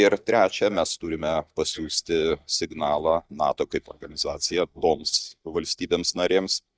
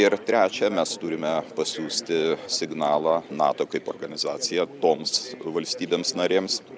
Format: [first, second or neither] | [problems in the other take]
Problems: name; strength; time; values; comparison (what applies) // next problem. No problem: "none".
second | noise reduction (neural mask model DeepFilterNet 3)